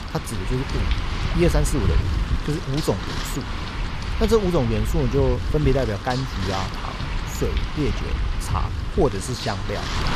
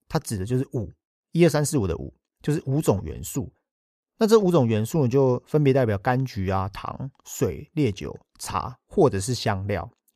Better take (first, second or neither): second